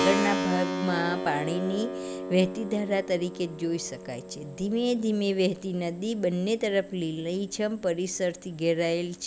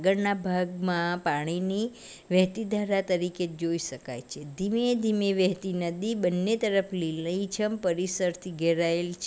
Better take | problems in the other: second | background sound (Keyboard (musical)); 7 dB below the speech

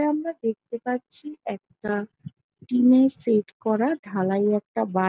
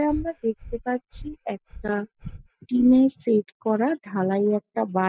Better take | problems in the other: first | noise reduction (classical method spectral subtraction)

